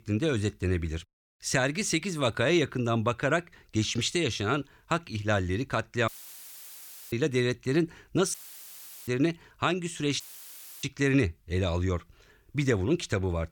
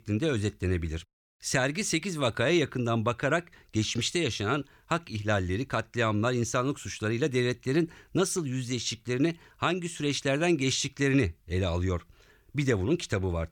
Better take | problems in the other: second | audio cutting out; filled with static; at 6 s for 1 s, at 8.5 s for 0.5 s and at 10 s for 0.5 s

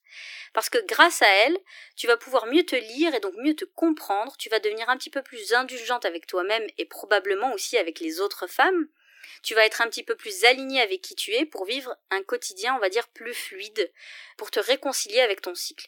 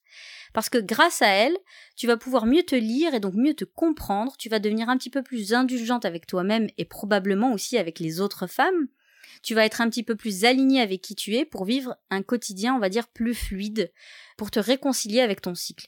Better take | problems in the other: second | thin; very; fading below 300 Hz

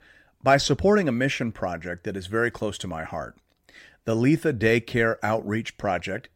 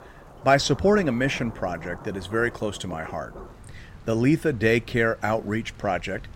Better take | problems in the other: first | rain or running water; noticeable; throughout; 20 dB below the speech

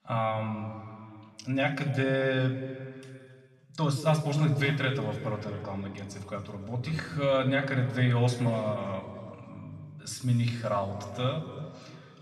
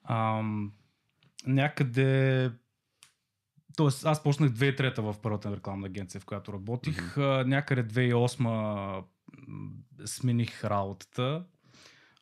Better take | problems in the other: second | room echo; slight; dies away in 2.2 s // off-mic speech; somewhat distant

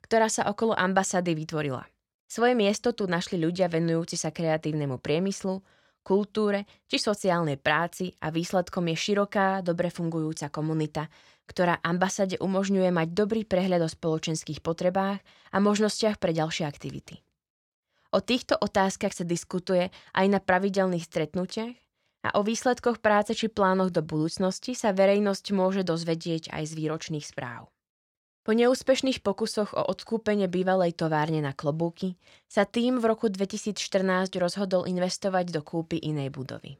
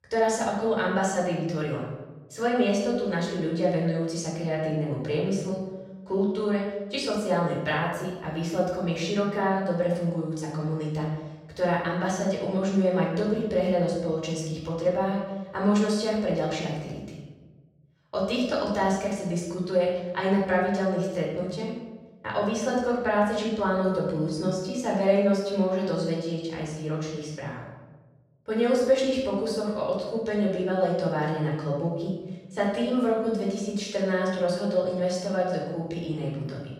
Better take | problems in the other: first | off-mic speech; far // room echo; noticeable; dies away in 1.1 s

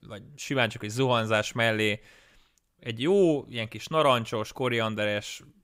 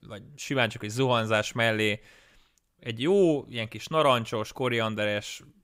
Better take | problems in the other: neither | none

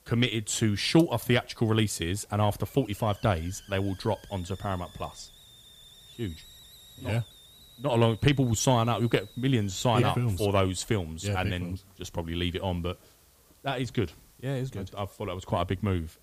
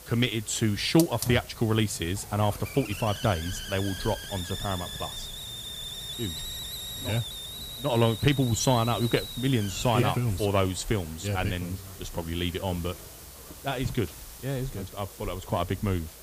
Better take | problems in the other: first | hiss; loud; throughout; 9 dB below the speech; faint in the first

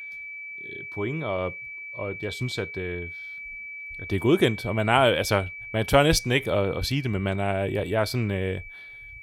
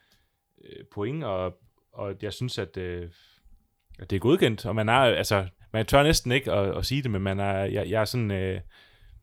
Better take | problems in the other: second | high-pitched whine; noticeable; throughout; 2.5 kHz, 10 dB below the speech

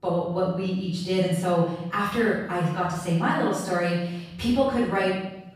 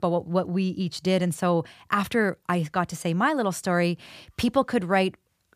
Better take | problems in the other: second | off-mic speech; far // room echo; strong; dies away in 0.9 s

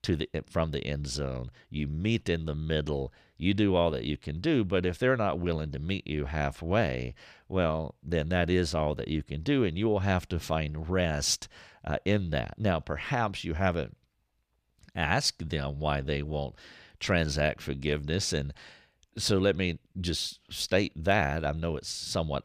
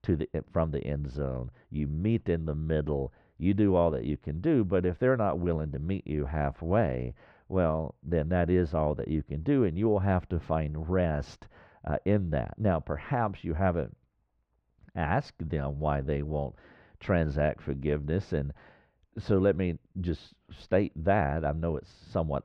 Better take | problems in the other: first | muffled; very; fading above 3.5 kHz

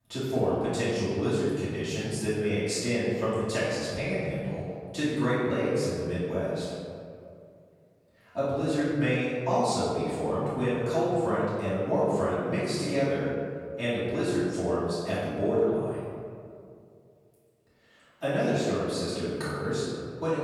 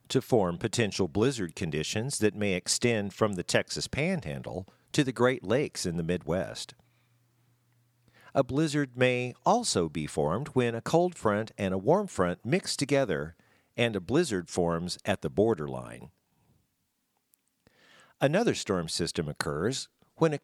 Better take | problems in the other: second | off-mic speech; far // room echo; strong; dies away in 2 s

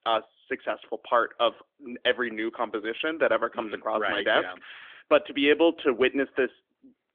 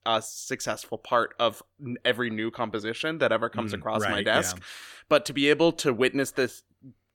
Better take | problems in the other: second | phone-call audio; nothing above 3.5 kHz

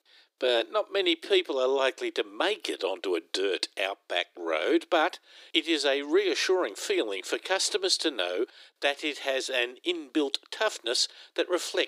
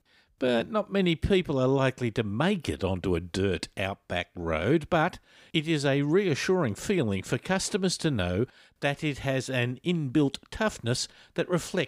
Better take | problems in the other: second | thin; very; fading below 300 Hz

